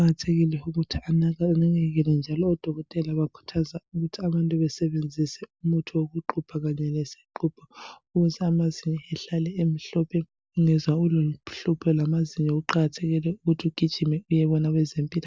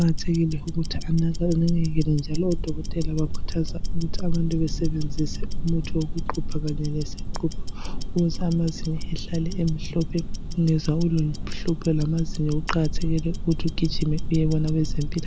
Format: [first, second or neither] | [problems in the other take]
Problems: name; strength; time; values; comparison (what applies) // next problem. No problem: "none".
first | background sound (Tick-tock); as loud as the speech